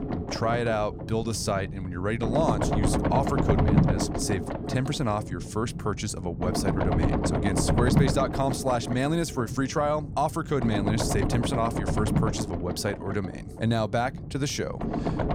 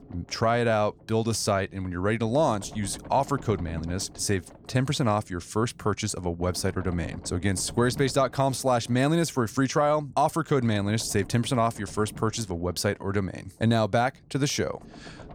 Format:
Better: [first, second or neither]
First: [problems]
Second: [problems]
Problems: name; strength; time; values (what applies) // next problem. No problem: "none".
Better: second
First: low rumble; loud; throughout; 2 dB below the speech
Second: low rumble; faint; throughout; 20 dB below the speech